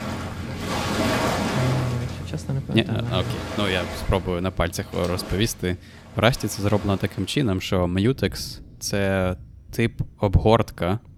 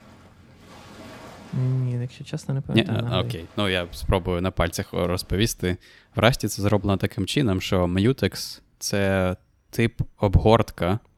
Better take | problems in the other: second | rain or running water; loud; throughout; 6 dB below the speech; faint in the second

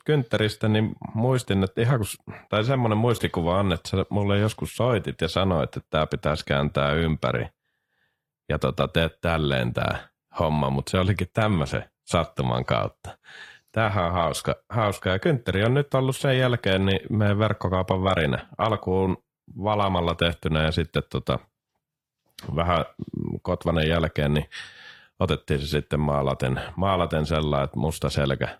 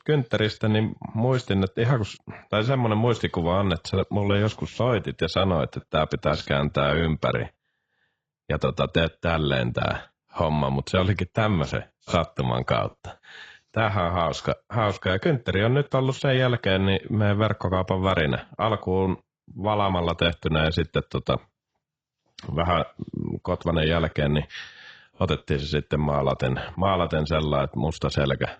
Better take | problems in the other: first | garbled, watery; badly; nothing above 7.5 kHz; slightly in the first

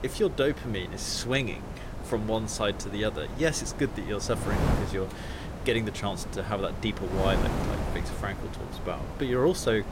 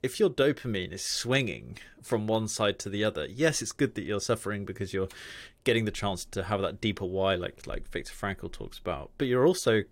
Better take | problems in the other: second | wind noise on the microphone; heavy; 8 dB below the speech

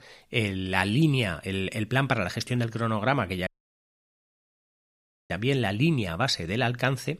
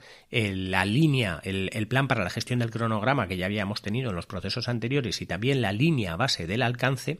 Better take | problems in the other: second | audio cutting out; at 3.5 s for 2 s

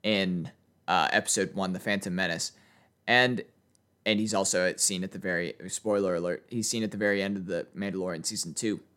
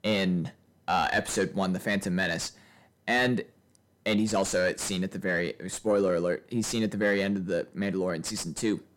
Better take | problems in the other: first | distortion; heavy; 8 dB below the speech

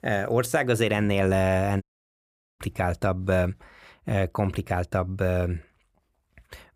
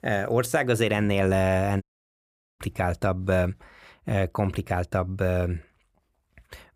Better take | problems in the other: neither | audio cutting out; at 2 s for 1 s; the same in both

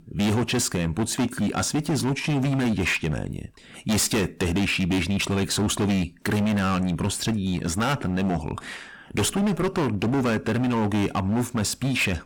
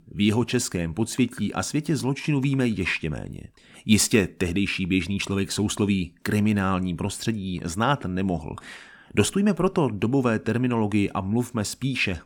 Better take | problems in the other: second | distortion; heavy; 22% of the sound clipped

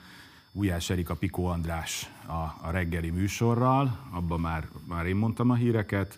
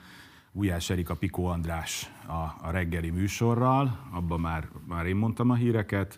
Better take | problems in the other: second | high-pitched whine; faint; throughout; 5 kHz, 30 dB below the speech

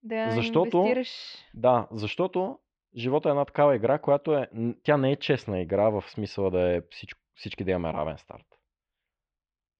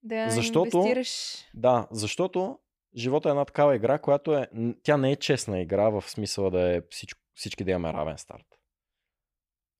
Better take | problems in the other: second | muffled; slightly; fading above 4 kHz

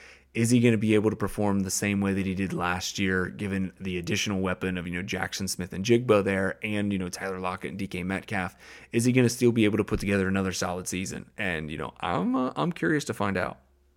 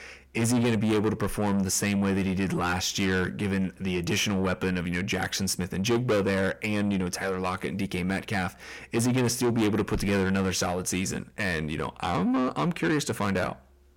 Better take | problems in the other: first | distortion; heavy; 7 dB below the speech

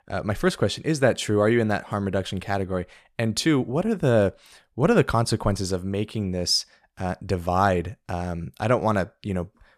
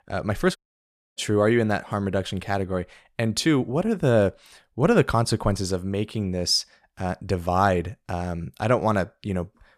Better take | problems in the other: first | audio cutting out; at 0.5 s for 0.5 s

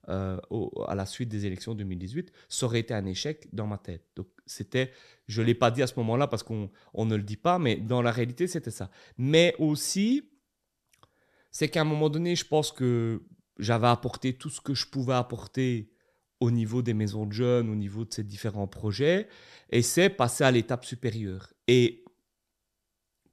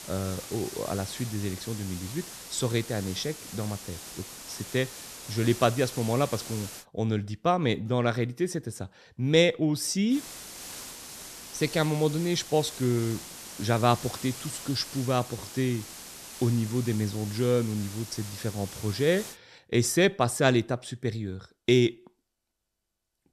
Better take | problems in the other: first | hiss; noticeable; until 7 s and from 10 to 19 s; 10 dB below the speech

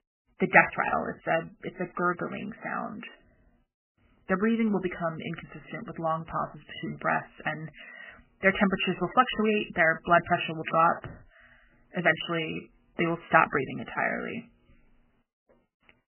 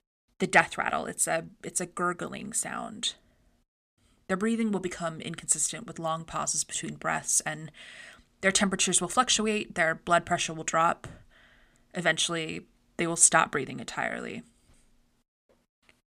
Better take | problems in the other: second | garbled, watery; badly; nothing above 3 kHz

